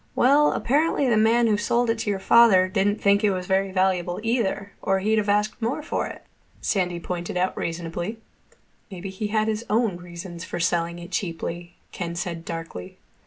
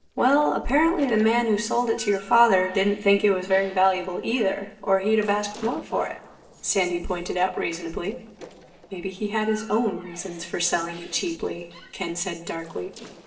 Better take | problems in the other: first | noise reduction (neural separator model SepFormer DNS4)

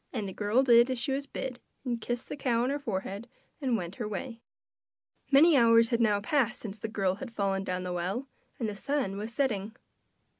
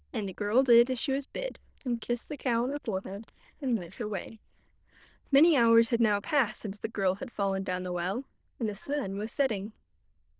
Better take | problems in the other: first | noise reduction (neural diffusion model UNIVERSE++)

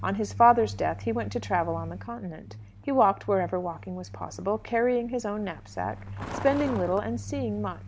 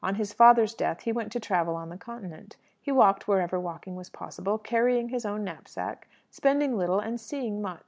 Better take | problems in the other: second | background sound (Truck); 12 dB below the speech

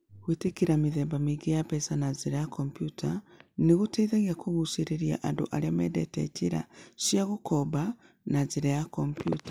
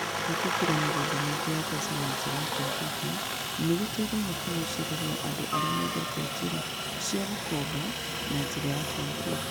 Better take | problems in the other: first | background sound (Aircraft); 1 dB above the speech

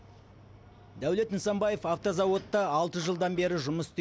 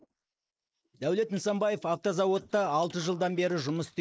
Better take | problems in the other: first | noise reduction (neural mask model Resemble Enhance denoiser)

